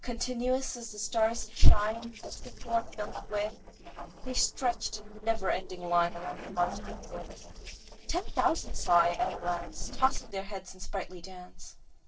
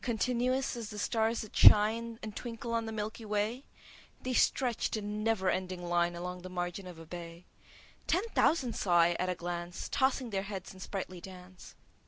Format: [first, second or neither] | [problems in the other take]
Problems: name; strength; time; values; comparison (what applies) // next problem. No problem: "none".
second | noise reduction (neural separator model SepFormer DNS4)